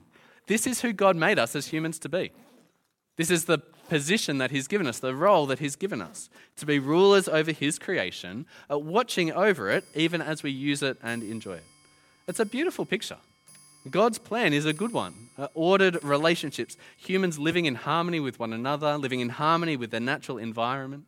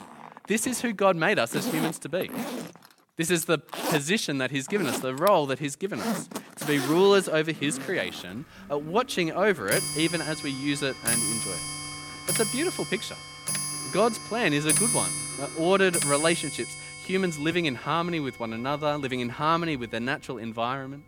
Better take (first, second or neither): first